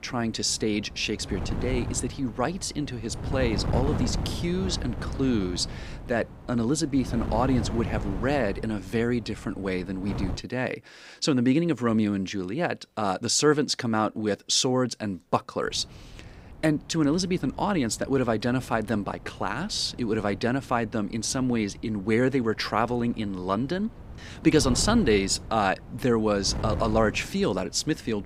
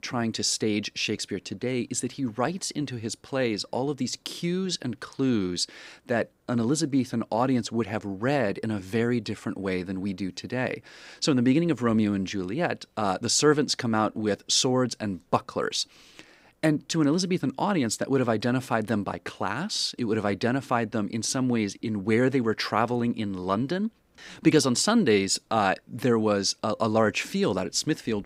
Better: second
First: wind noise on the microphone; occasional gusts; until 10 s and from 16 s on; 15 dB below the speech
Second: none

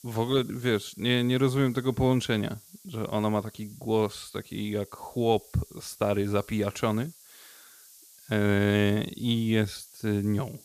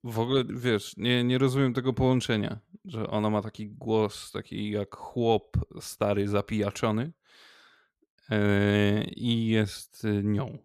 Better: second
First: hiss; faint; throughout; 25 dB below the speech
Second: none

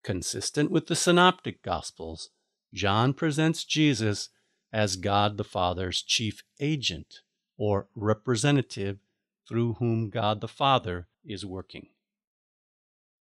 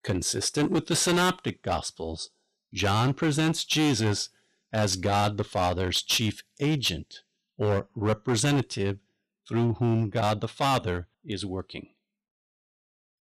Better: first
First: none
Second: distortion; heavy; 10% of the sound clipped

